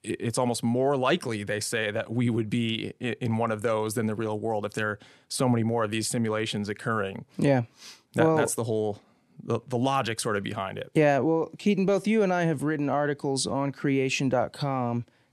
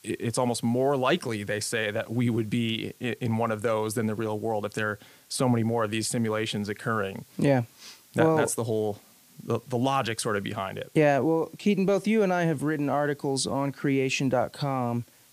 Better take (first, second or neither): first